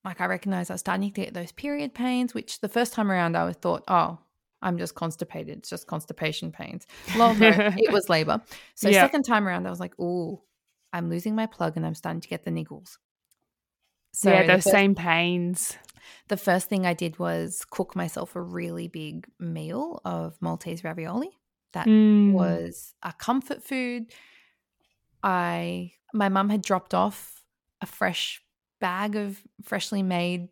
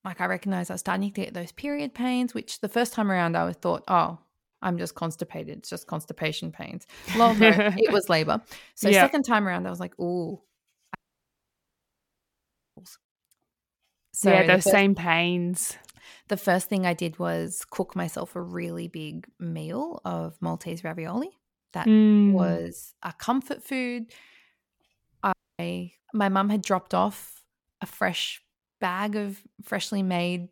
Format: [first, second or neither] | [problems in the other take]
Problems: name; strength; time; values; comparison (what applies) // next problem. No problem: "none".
first | audio cutting out; at 11 s for 2 s and at 25 s